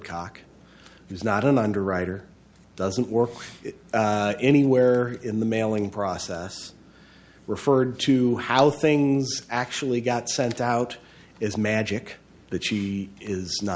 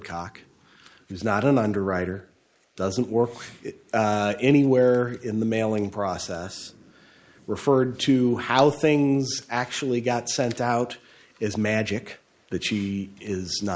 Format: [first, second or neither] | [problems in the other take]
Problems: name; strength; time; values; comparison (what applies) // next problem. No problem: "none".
first | noise reduction (neural mask model Resemble Enhance denoiser)